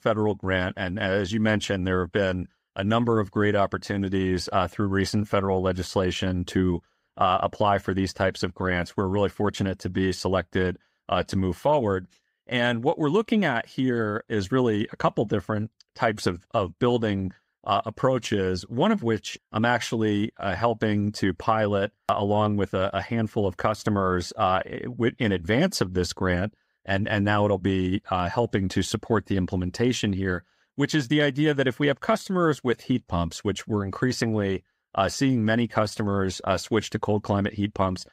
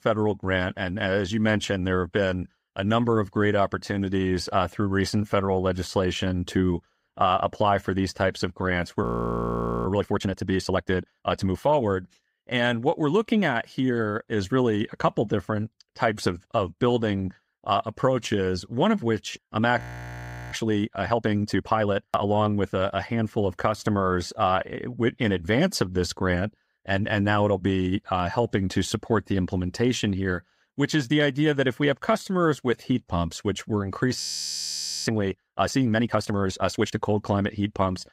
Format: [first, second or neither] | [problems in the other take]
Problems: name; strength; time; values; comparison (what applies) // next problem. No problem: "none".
first | audio freezing; at 9 s for 1 s, at 20 s for 0.5 s and at 34 s for 1 s